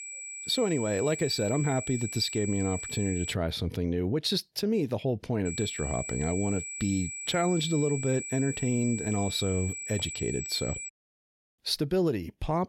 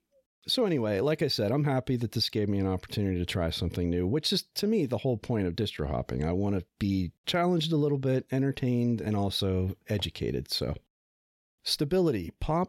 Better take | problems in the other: second | high-pitched whine; loud; until 3.5 s and from 5.5 to 11 s; 8 kHz, 6 dB below the speech

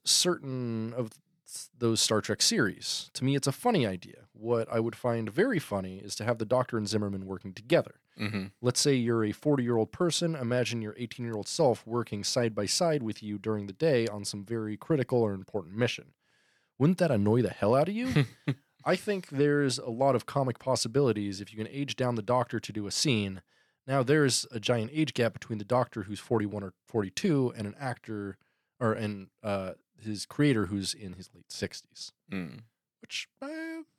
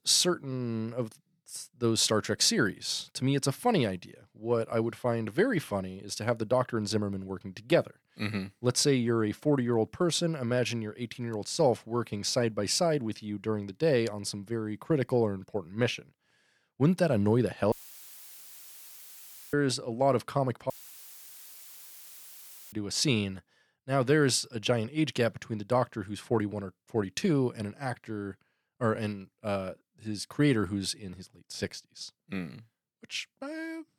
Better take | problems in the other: first | audio cutting out; filled with static; at 18 s for 2 s and at 21 s for 2 s

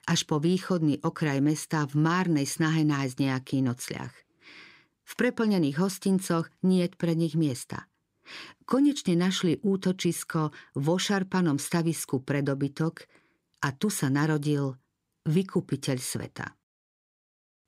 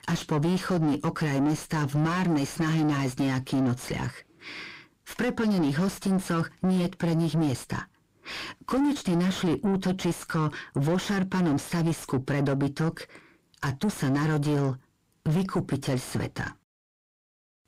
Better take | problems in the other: first | distortion; heavy; 7 dB below the speech

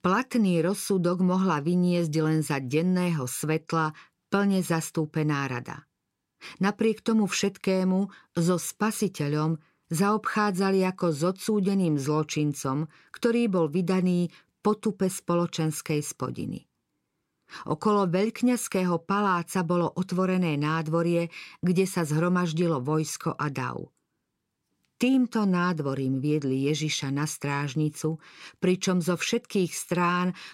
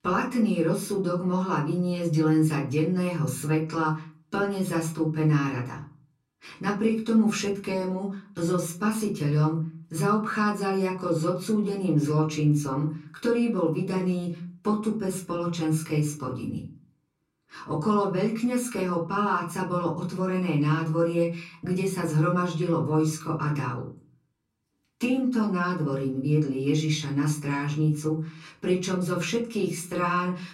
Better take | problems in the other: first | off-mic speech; far // room echo; very slight; dies away in 0.4 s

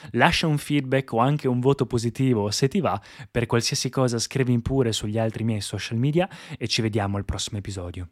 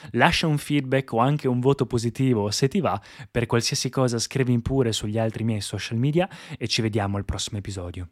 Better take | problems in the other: neither | none

